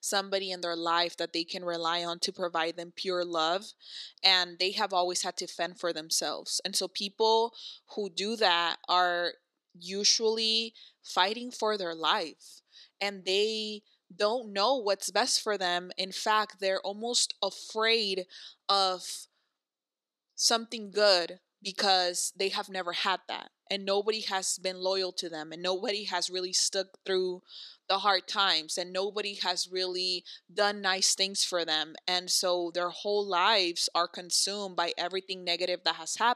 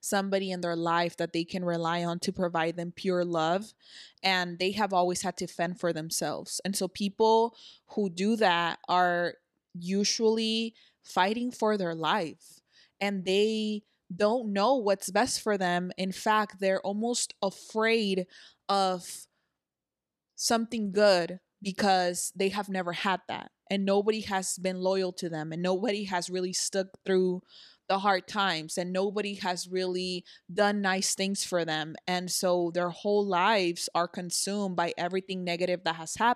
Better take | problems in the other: second | thin; somewhat; fading below 350 Hz

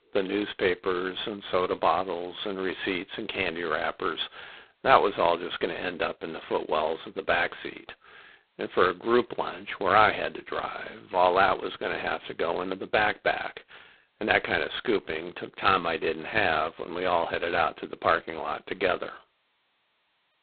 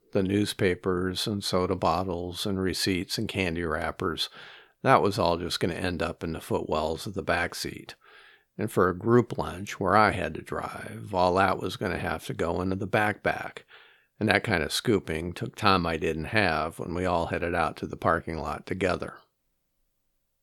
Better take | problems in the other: second | phone-call audio; poor line; nothing above 4 kHz

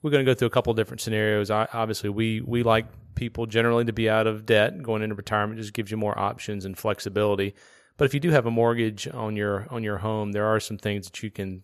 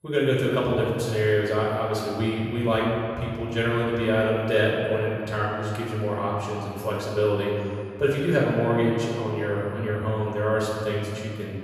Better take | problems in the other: first | off-mic speech; far // room echo; noticeable; dies away in 2.1 s

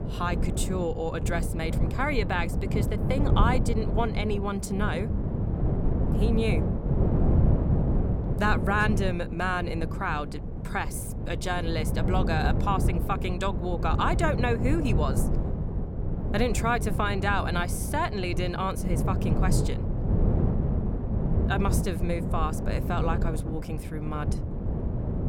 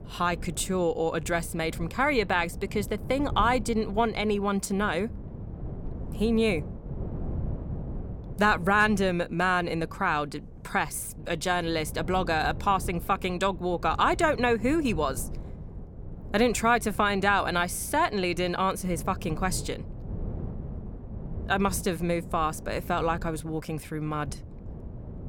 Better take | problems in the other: second | wind noise on the microphone; heavy; 7 dB below the speech; occasional gusts in the second

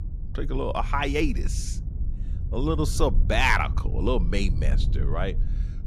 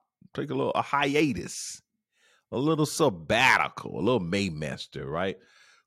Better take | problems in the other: second | low rumble; noticeable; throughout; 20 dB below the speech

